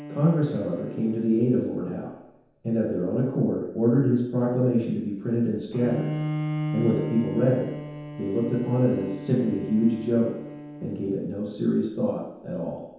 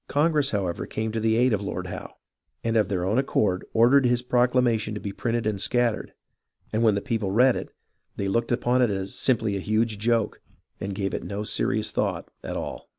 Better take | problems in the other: second | background sound (Bowed string instrument); 11 dB below the speech // room echo; dies away in 0.9 s

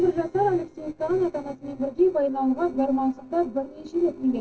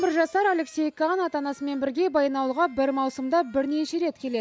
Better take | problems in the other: second | noise reduction (neural separator model SepFormer DNS4)

